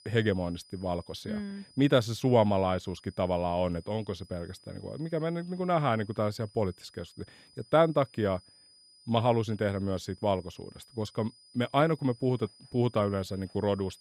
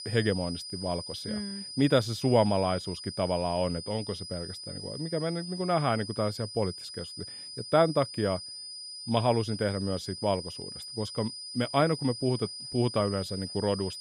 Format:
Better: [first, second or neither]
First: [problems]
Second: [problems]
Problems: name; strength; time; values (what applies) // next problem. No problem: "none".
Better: first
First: high-pitched whine; faint; throughout; 5 kHz, 25 dB below the speech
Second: high-pitched whine; loud; throughout; 5 kHz, 9 dB below the speech